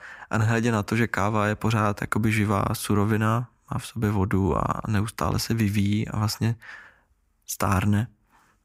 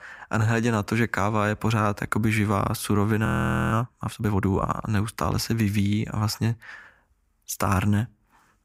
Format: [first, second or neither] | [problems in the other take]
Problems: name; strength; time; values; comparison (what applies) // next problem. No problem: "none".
first | audio freezing; at 3.5 s